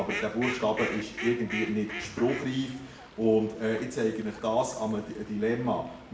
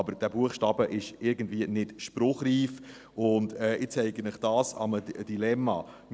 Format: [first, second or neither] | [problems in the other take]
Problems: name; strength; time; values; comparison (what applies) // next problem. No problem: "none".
second | background sound (Fowl); 11 dB below the speech // room echo; dies away in 0.6 s